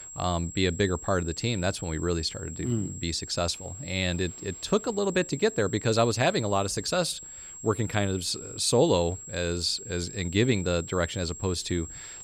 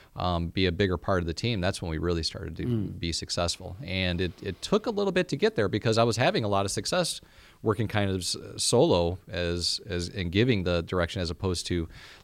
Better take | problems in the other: second | high-pitched whine; noticeable; throughout; 7.5 kHz, 10 dB below the speech

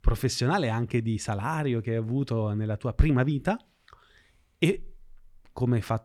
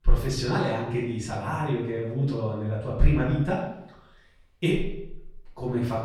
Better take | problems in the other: first | room echo; noticeable; dies away in 0.7 s // off-mic speech; far

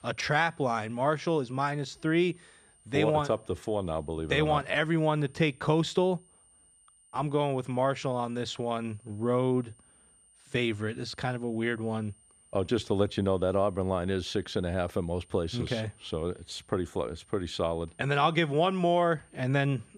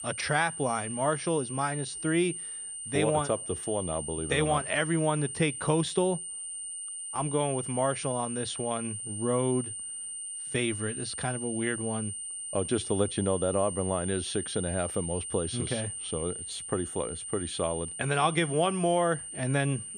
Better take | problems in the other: first | high-pitched whine; loud; throughout; 9 kHz, 5 dB below the speech; faint in the first

